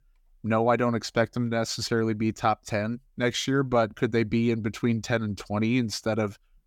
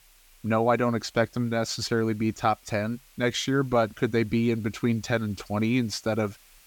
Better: first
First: none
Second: hiss; faint; throughout; 30 dB below the speech

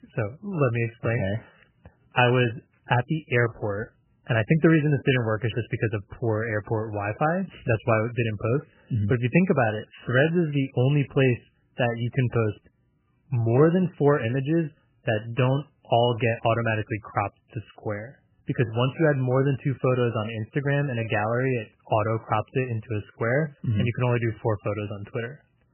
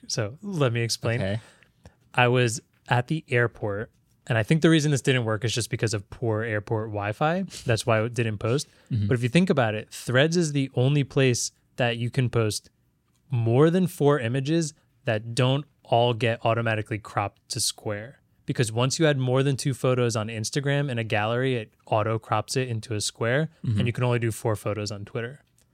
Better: second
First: garbled, watery; badly; nothing above 3 kHz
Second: none

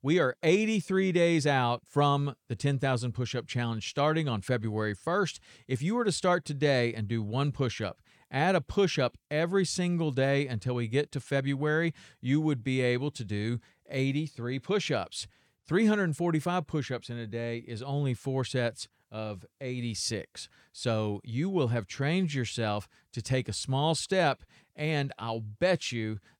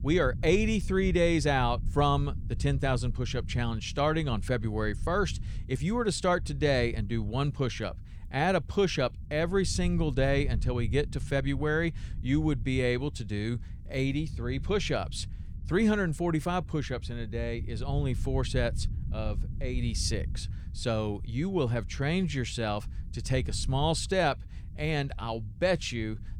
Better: first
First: none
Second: low rumble; faint; throughout; 20 dB below the speech

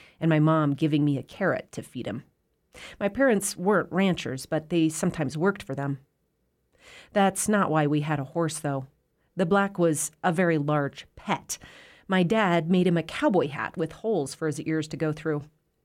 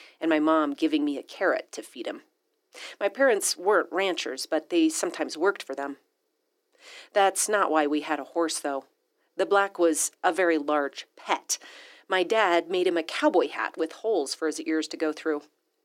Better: first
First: none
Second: thin; somewhat; fading below 300 Hz

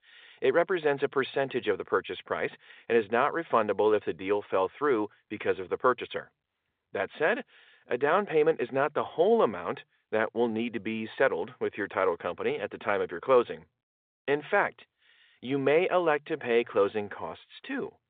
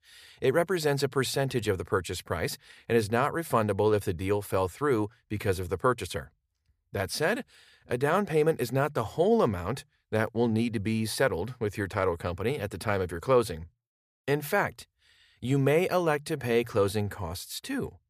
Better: second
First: phone-call audio; nothing above 3.5 kHz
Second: none

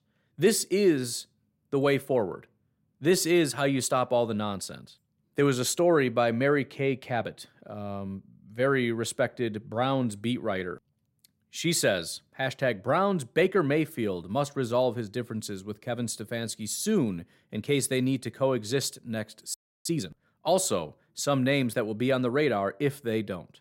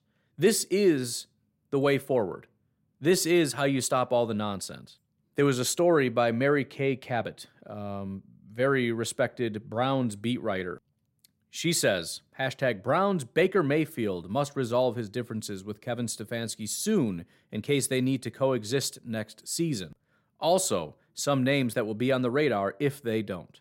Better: second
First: audio freezing; at 20 s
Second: none

